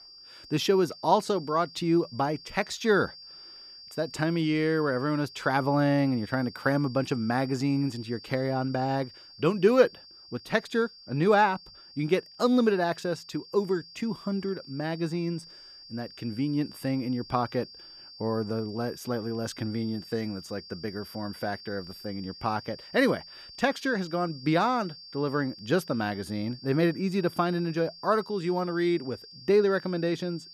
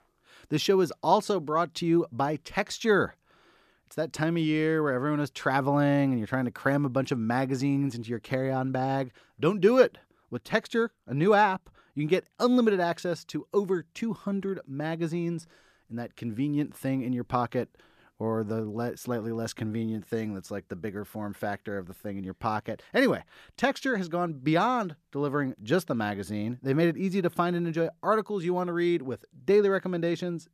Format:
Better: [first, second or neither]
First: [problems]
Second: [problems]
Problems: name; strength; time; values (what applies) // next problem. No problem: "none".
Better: second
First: high-pitched whine; noticeable; throughout; 4.5 kHz, 15 dB below the speech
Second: none